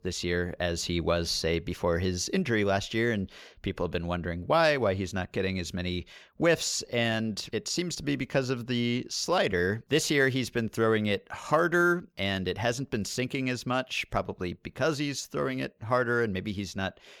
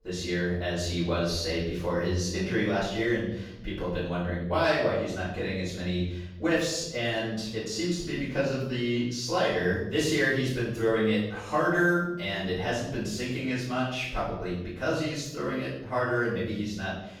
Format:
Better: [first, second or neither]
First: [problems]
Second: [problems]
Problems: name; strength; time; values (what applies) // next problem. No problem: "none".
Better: first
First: none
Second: off-mic speech; far // room echo; noticeable; dies away in 0.8 s